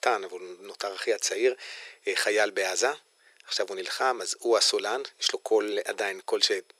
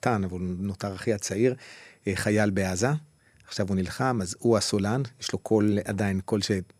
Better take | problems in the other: second | thin; very; fading below 400 Hz

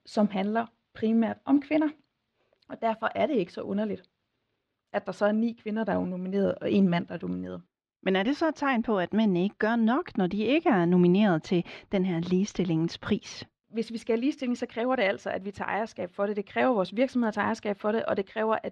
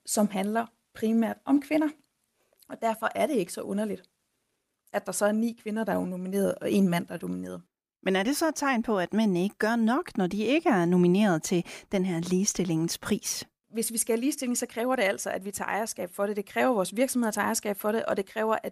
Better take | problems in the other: second | muffled; slightly; fading above 4 kHz

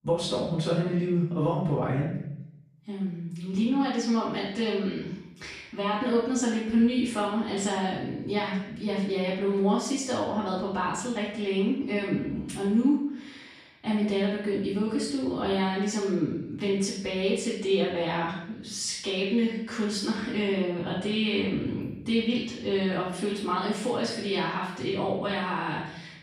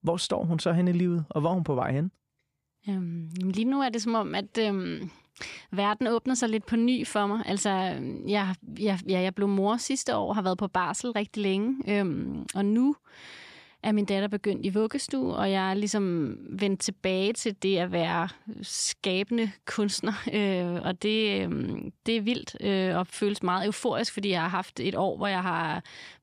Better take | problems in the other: second | off-mic speech; far // room echo; noticeable; dies away in 0.7 s

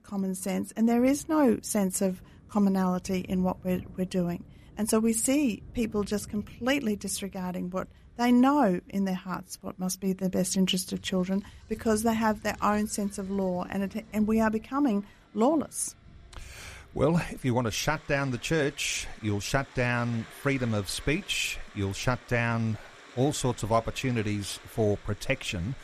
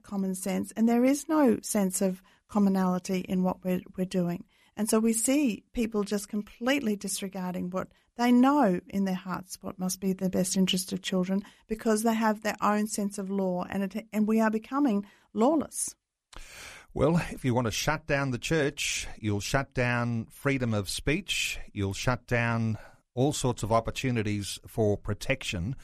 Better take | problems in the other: second | rain or running water; faint; throughout; 20 dB below the speech

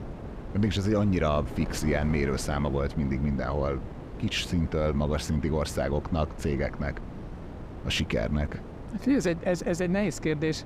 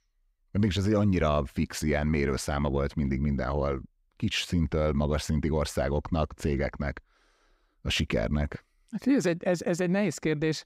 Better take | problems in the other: second | wind noise on the microphone; occasional gusts; 15 dB below the speech

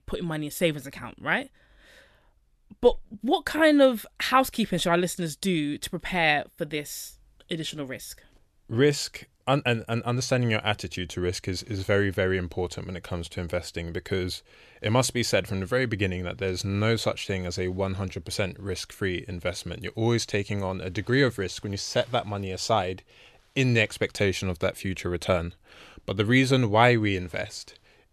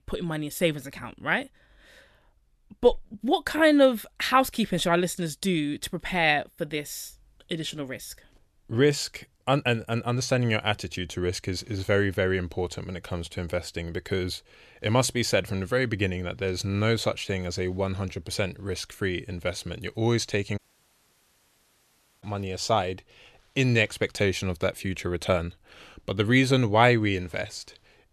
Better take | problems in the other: first | audio cutting out; at 21 s for 1.5 s

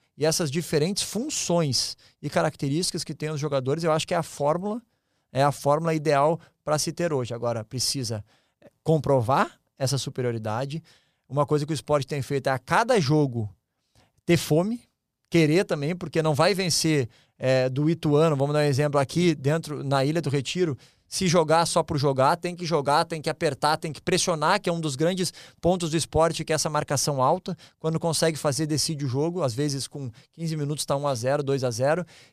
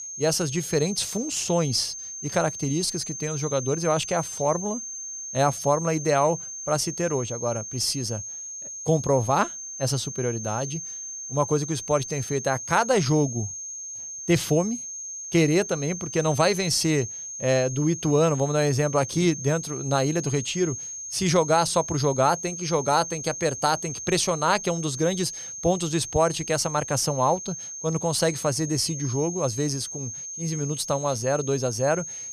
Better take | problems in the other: first | high-pitched whine; loud; throughout; 6.5 kHz, 8 dB below the speech

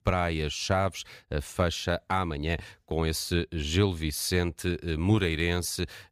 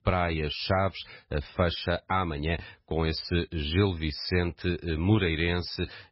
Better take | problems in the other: first | garbled, watery; badly; nothing above 5.5 kHz

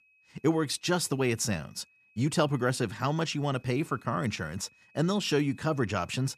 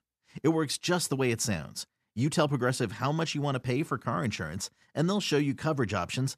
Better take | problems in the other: second | high-pitched whine; faint; throughout; 2.5 kHz, 30 dB below the speech

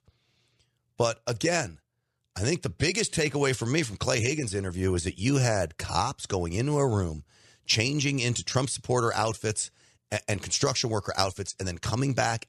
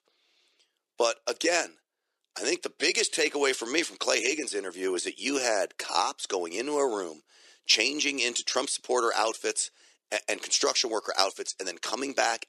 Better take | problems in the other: first | thin; somewhat; fading below 300 Hz

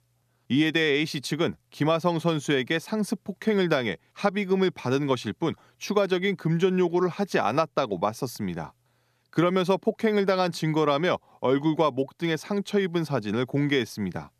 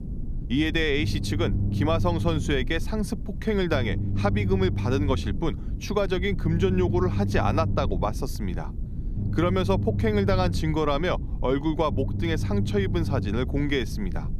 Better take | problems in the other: first | low rumble; noticeable; throughout; 15 dB below the speech

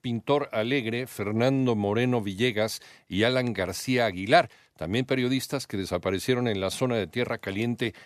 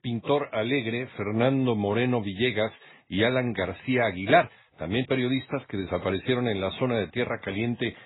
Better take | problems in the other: first | garbled, watery; badly; nothing above 4 kHz

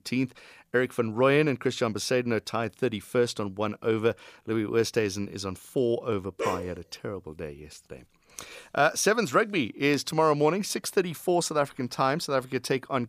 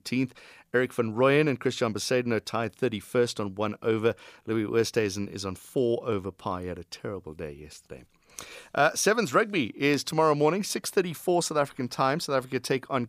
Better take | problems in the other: second | dog barking; noticeable; at 6.5 s; peak 5 dB below the speech

